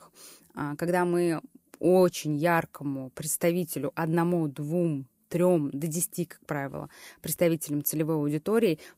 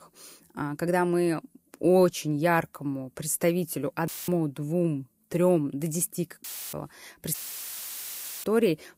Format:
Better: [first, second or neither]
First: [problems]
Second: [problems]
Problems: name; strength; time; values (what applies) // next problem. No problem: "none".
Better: first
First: none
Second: audio cutting out; filled with static; at 4 s, at 6.5 s and at 7.5 s for 1 s